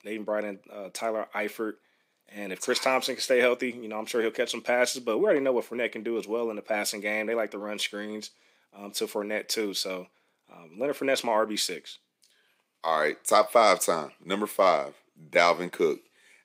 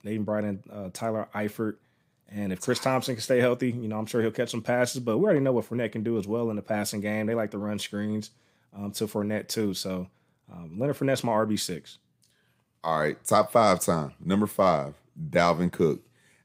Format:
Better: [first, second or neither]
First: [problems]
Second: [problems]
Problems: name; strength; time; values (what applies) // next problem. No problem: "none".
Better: second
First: thin; somewhat; fading below 300 Hz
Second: none